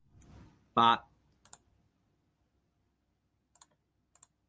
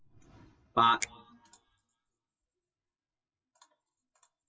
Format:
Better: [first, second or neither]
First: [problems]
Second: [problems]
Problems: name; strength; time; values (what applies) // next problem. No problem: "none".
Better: first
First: none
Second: noise reduction (classical method WPE with log-MMSE)